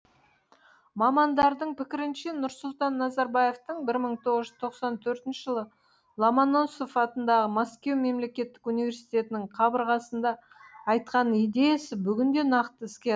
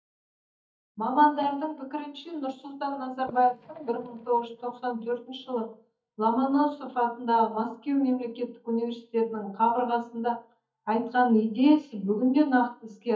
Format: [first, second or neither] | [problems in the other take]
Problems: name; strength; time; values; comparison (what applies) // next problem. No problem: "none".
first | noise reduction (neural mask model DeepFilterNet 3)